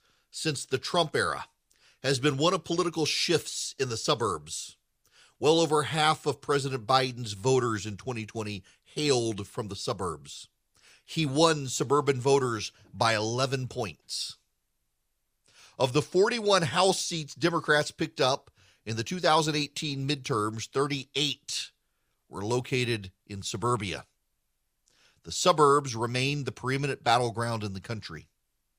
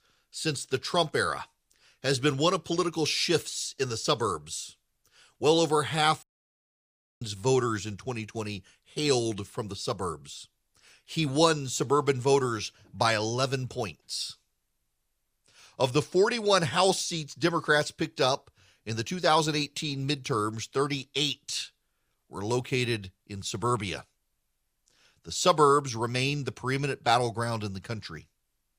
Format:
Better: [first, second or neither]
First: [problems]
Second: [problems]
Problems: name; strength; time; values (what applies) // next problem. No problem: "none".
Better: first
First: none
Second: audio cutting out; at 6 s for 1 s